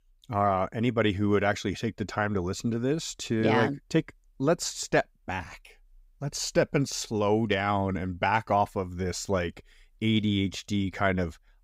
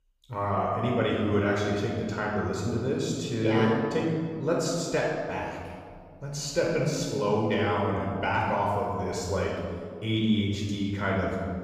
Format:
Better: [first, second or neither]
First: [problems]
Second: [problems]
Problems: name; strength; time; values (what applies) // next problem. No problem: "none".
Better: first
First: none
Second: off-mic speech; far // room echo; noticeable; dies away in 1.7 s